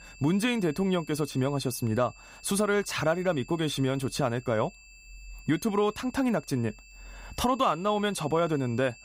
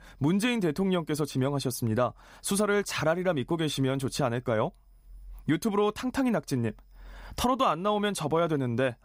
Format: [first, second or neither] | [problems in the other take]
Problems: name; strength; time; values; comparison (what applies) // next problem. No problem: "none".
second | high-pitched whine; faint; throughout; 2.5 kHz, 20 dB below the speech